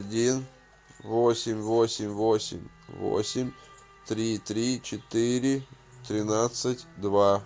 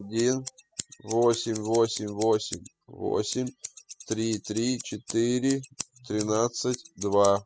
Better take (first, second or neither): first